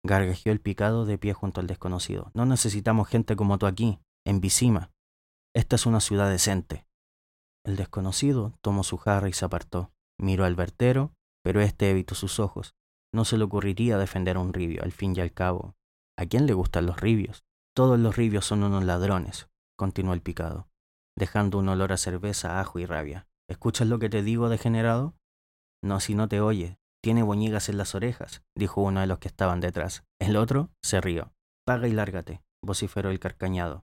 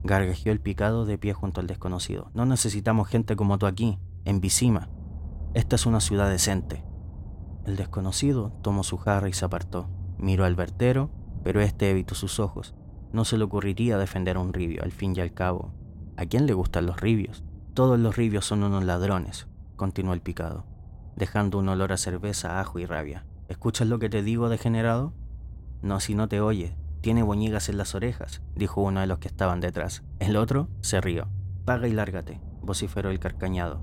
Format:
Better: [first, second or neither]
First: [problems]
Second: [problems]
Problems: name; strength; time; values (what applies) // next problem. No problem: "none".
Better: first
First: none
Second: low rumble; faint; throughout; 25 dB below the speech